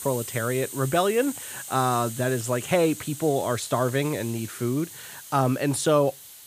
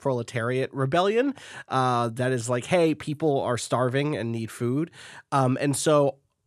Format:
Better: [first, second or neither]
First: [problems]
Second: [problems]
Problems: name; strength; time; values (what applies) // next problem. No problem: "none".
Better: second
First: hiss; noticeable; throughout; 10 dB below the speech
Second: none